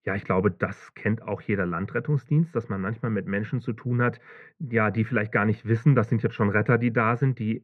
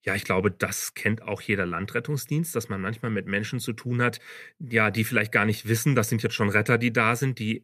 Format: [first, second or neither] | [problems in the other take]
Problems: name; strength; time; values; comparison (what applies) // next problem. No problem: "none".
second | muffled; very; fading above 1.5 kHz